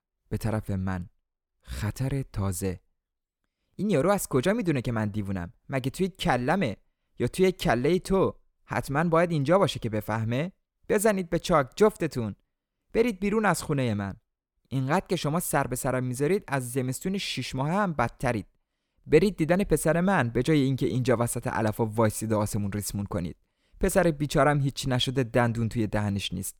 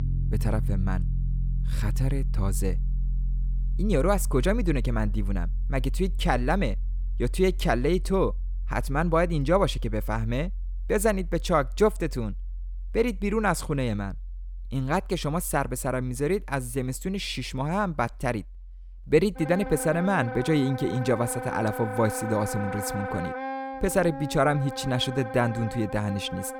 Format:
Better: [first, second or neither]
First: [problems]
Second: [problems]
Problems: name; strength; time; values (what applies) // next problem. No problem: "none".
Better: first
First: none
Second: background music; loud; throughout; 6 dB below the speech